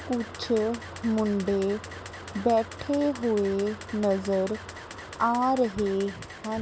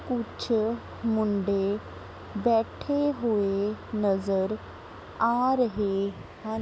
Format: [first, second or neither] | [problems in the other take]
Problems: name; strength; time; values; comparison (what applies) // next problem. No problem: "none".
second | background sound (Camera); 18 dB below the speech